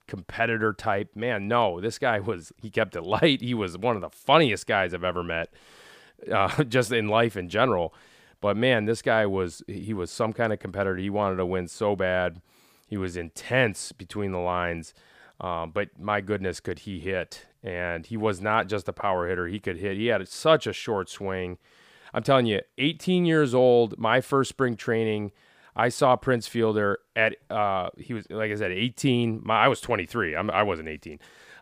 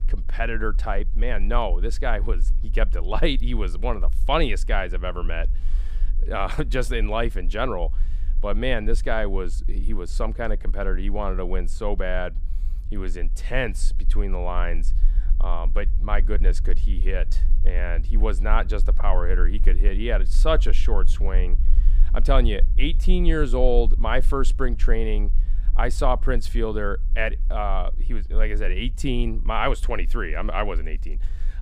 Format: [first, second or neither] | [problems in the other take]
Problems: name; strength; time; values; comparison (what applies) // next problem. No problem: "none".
first | low rumble; faint; throughout; 25 dB below the speech